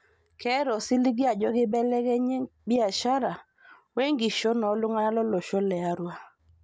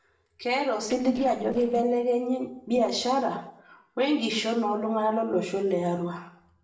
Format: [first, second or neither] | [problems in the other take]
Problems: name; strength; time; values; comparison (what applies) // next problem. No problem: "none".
first | noise reduction (neural separator model SepFormer DNS4)